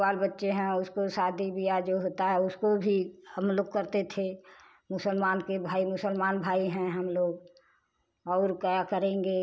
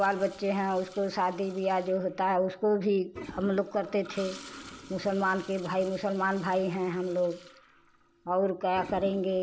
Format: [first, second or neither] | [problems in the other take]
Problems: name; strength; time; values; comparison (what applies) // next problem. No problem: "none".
first | background sound (Toilet flush); 19 dB below the speech